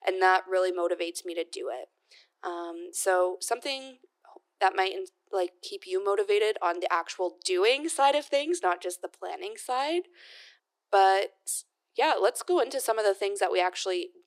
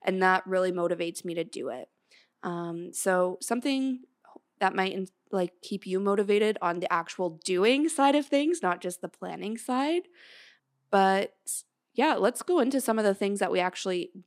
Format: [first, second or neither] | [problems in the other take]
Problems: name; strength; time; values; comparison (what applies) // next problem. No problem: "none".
second | thin; very; fading below 350 Hz